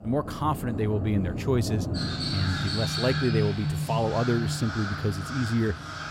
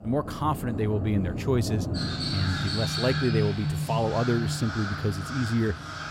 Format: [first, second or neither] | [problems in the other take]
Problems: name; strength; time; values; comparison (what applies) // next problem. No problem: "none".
neither | animal sounds; loud; throughout; 3 dB below the speech; the same in both